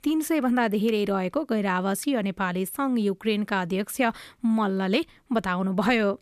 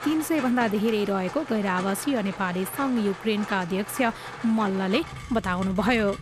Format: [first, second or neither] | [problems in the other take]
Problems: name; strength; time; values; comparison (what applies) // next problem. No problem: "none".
first | rain or running water; noticeable; throughout; 10 dB below the speech